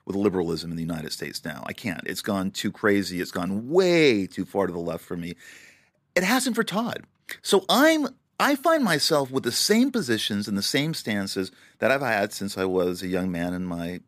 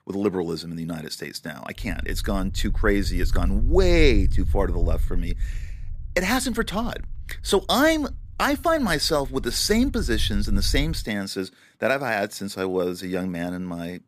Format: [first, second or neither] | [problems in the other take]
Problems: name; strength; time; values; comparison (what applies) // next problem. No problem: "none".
first | low rumble; faint; from 2 to 11 s; 25 dB below the speech